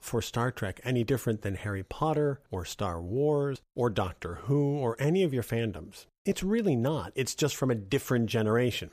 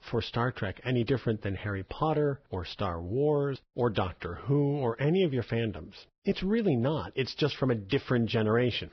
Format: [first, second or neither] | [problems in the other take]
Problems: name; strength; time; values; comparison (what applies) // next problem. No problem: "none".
first | garbled, watery; badly; nothing above 5.5 kHz